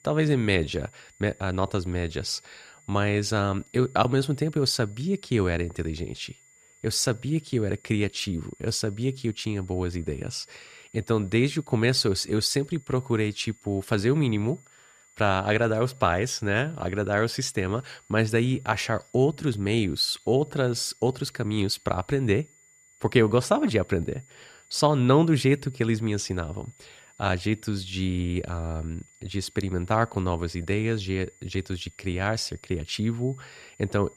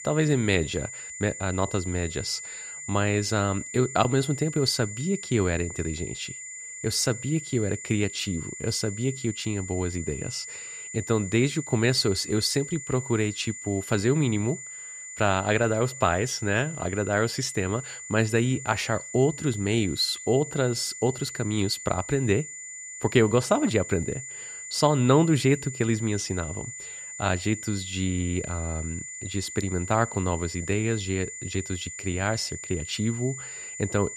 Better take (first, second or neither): first